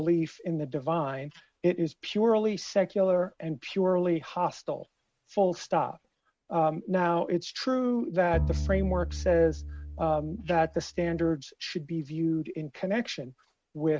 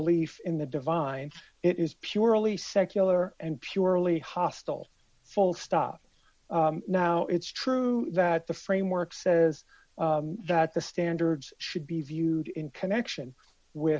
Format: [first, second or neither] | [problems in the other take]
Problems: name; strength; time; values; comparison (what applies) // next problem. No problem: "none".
second | noise reduction (neural mask model RNNoise)